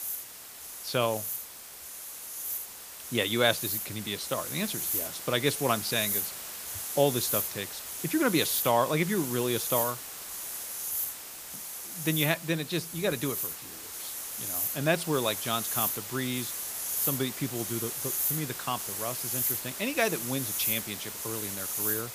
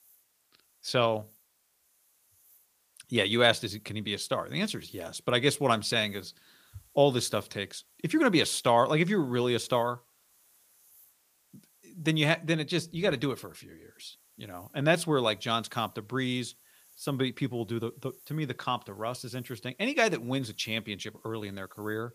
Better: second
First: hiss; loud; throughout; 2 dB below the speech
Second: hiss; faint; throughout; 30 dB below the speech

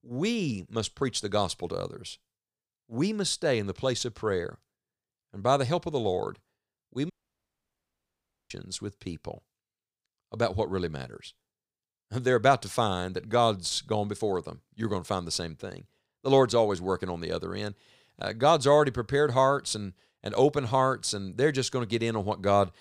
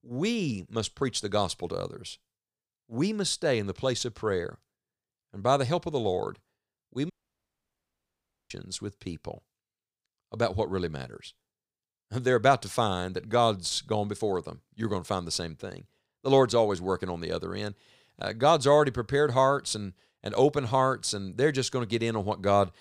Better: neither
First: audio cutting out; at 7 s for 1.5 s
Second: audio cutting out; at 7 s for 1.5 s

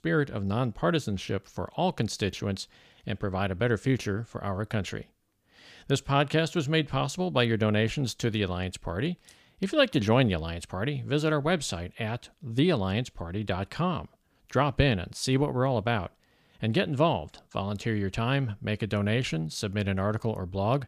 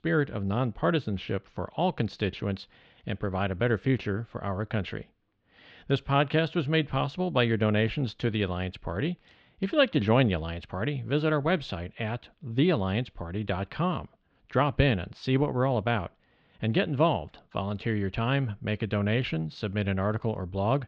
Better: first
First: none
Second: muffled; slightly; fading above 3.5 kHz

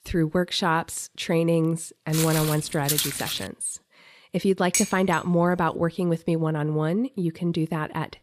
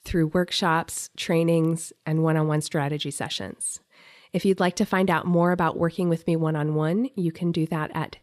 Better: second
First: footsteps; loud; from 2 to 3.5 s; peak 1 dB above the speech // clattering dishes; noticeable; at 4.5 s; peak level with the speech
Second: none

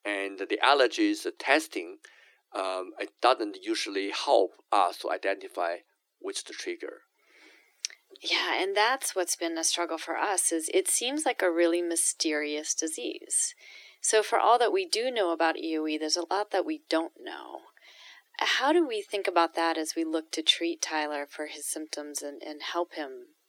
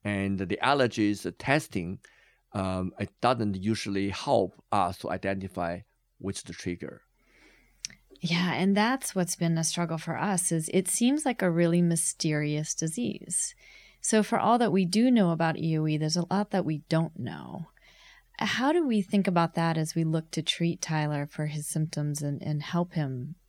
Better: second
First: thin; very; fading below 300 Hz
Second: none

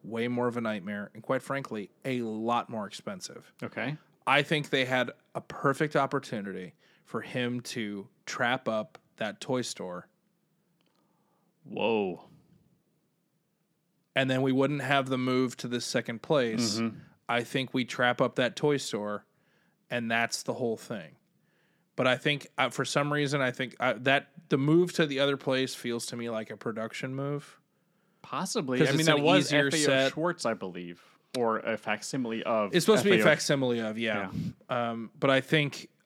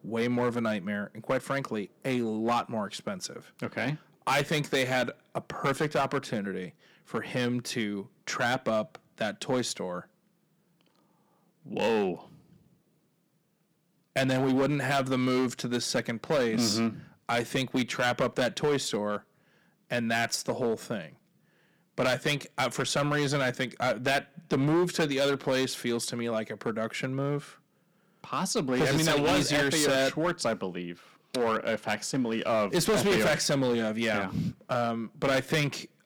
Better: first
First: none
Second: distortion; heavy; 7% of the sound clipped

